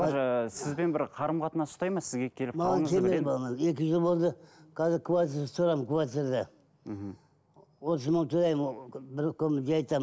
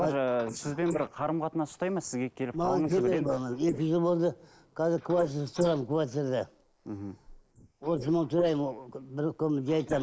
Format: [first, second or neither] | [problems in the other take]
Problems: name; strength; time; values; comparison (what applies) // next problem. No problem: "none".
first | noise reduction (neural mask model Resemble Enhance denoiser)